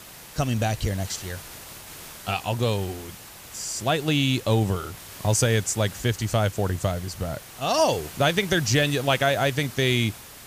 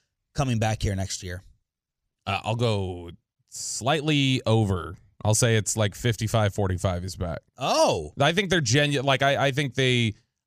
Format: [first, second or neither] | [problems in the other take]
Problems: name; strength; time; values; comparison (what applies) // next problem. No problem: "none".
second | hiss; noticeable; throughout; 15 dB below the speech